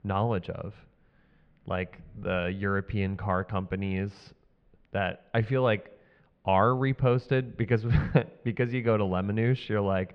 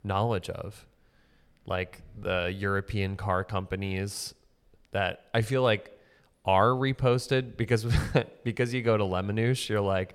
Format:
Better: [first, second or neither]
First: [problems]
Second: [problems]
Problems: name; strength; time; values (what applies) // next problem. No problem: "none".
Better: second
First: muffled; slightly; fading above 3 kHz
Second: none